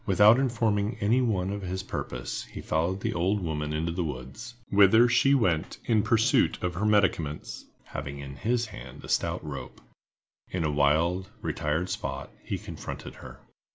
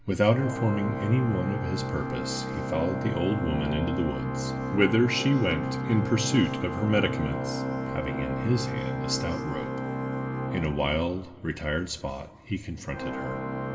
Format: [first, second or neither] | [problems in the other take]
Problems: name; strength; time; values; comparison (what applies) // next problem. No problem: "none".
first | background sound (Organ); 3 dB below the speech // room echo; dies away in 2 s